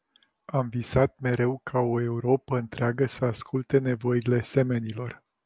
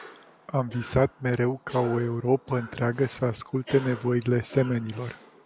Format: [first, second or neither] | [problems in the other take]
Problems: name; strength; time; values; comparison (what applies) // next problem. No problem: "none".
first | background sound (Cough); 18 dB below the speech